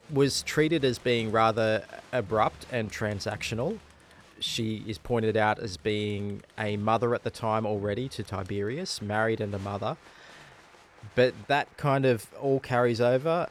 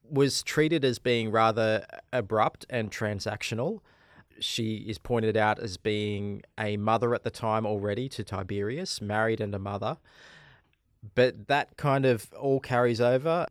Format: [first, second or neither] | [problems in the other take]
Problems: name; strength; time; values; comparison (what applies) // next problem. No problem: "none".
second | crowd noise; faint; throughout; 25 dB below the speech